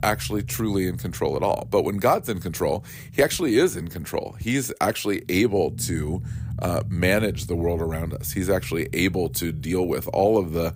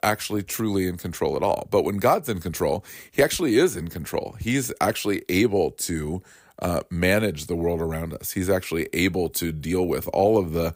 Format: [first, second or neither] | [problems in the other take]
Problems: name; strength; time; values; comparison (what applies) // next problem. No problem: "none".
second | low rumble; faint; throughout; 25 dB below the speech